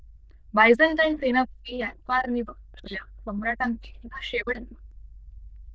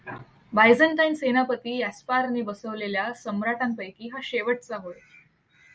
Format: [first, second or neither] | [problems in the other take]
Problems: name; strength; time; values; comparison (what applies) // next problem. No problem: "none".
second | noise reduction (neural diffusion model UNIVERSE++)